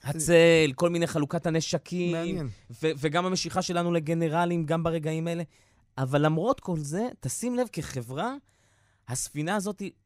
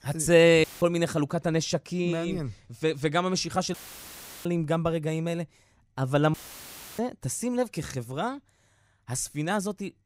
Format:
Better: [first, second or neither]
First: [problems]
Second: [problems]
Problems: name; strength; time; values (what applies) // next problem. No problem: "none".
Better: first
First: none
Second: audio cutting out; filled with static; at 0.5 s, at 3.5 s for 0.5 s and at 6.5 s for 0.5 s